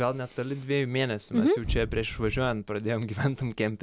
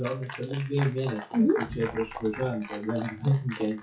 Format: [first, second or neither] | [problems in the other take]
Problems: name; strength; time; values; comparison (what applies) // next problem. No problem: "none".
first | noise reduction (classical method WPE with log-MMSE)